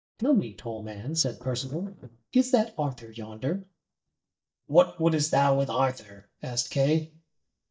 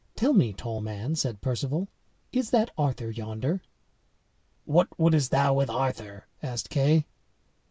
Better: second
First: noise reduction (neural mask model DeepFilterNet 3)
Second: none

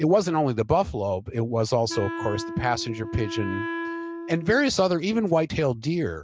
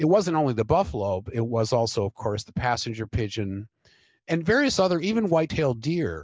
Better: second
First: background sound (Wind instrument, woodwind instrument); 9 dB below the speech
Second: none

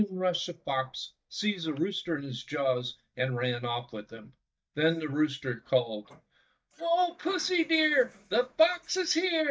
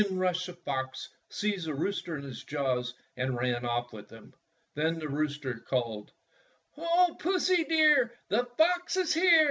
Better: second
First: noise reduction (neural mask model DeepFilterNet 3)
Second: none

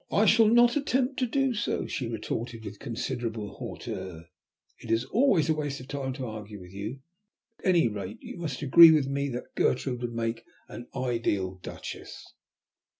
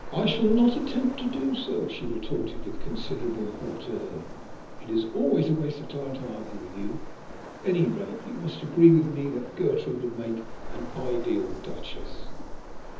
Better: first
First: none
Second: background sound (Waves, surf); 8 dB below the speech // room echo; dies away in 1.2 s

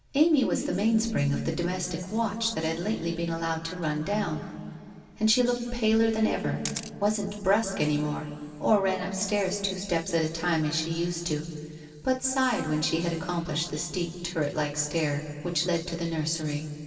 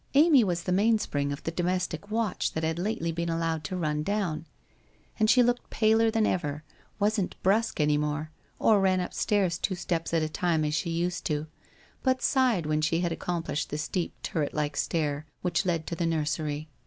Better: second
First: background sound (Camera); 13 dB below the speech // room echo; dies away in 2.8 s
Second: none

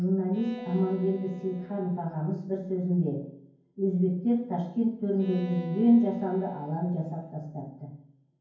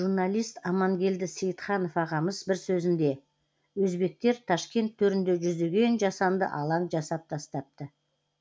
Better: second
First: background sound (Bowed string instrument); 18 dB below the speech // room echo; dies away in 0.9 s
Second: none

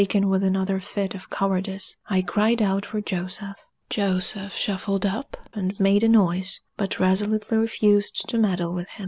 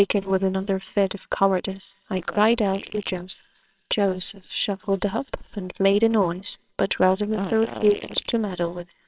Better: first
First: none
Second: noise reduction (neural separator model SepFormer WHAMR!)

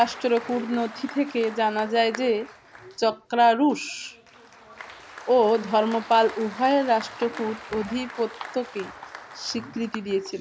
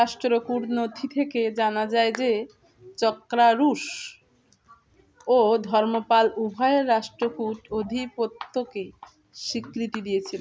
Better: second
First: background sound (Applause); 17 dB below the speech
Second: none

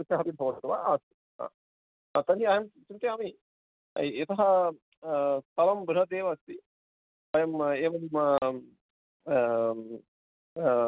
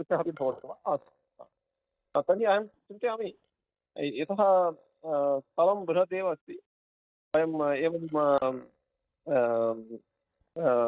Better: first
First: none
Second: noise reduction (neural mask model DeepFilterNet 3)

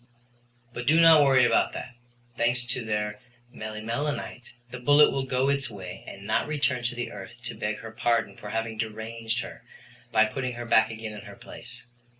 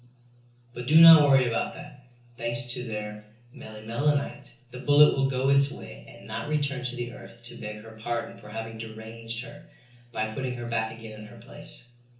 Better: first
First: none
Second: room echo; dies away in 0.7 s

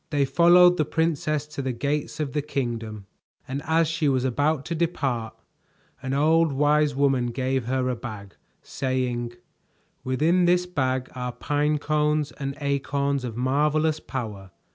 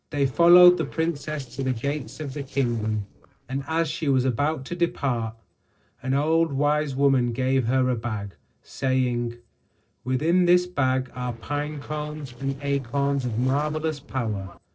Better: first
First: none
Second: noise reduction (neural separator model SepFormer DNS4)

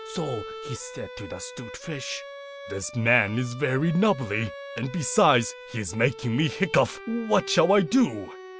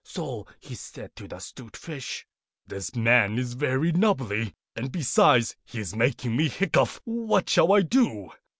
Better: second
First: background sound (Bowed string instrument); 14 dB below the speech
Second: none

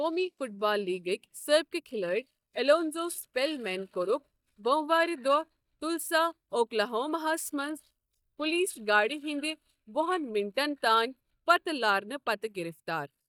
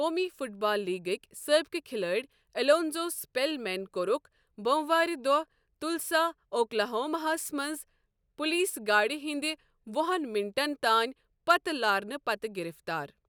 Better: second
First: noise reduction (neural mask model DeepFilterNet 3)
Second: none

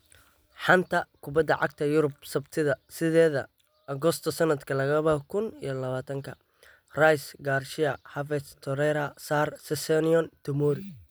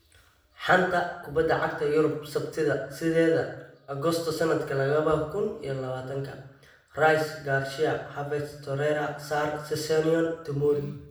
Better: first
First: none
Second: room echo; dies away in 0.7 s

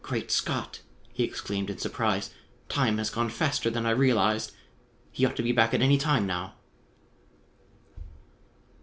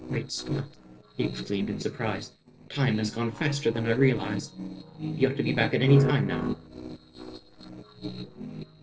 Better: first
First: none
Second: noise reduction (neural separator model SepFormer DNS4)

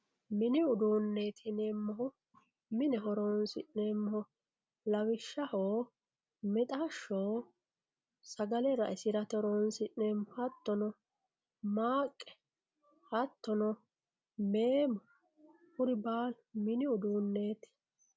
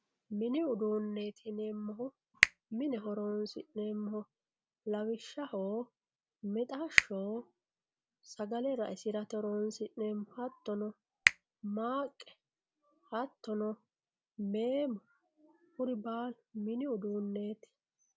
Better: first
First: none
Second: background sound (Finger snapping); 1 dB above the speech

